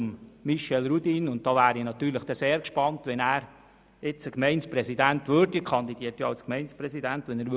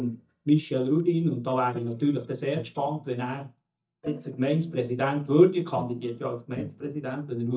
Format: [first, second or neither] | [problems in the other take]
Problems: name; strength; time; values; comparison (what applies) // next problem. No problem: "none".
first | noise reduction (neural mask model DeepFilterNet 3)